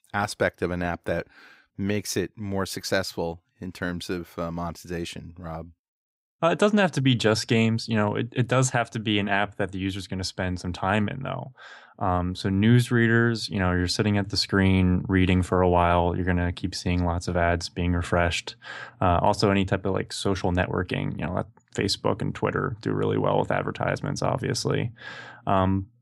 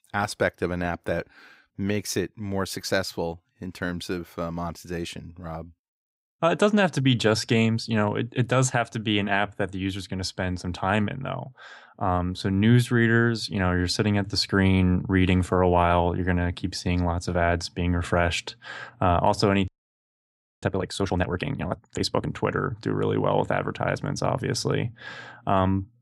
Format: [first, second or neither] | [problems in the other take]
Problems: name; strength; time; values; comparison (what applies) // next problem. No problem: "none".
first | audio freezing; at 20 s for 1 s